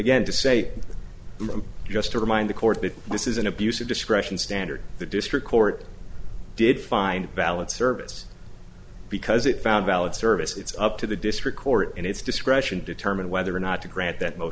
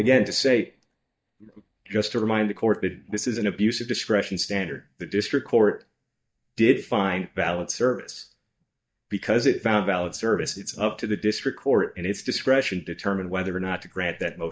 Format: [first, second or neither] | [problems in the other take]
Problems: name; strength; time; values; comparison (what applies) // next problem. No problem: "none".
first | noise reduction (neural mask model DeepFilterNet 3)